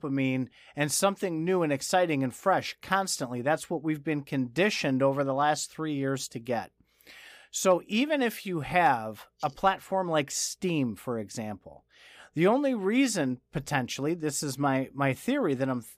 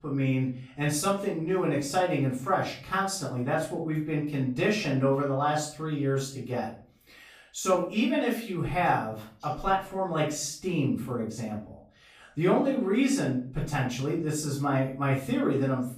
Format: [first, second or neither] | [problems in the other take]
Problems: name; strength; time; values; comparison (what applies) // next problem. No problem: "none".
first | room echo; slight; dies away in 0.4 s // off-mic speech; far